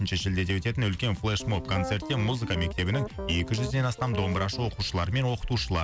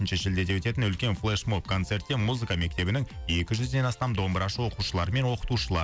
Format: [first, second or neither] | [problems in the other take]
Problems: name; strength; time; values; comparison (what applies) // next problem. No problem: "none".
second | background sound (Piano); 10 dB below the speech